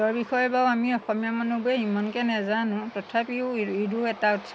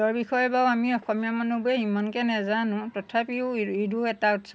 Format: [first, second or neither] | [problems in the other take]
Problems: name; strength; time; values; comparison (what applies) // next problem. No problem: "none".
second | background sound (Aircraft); 20 dB below the speech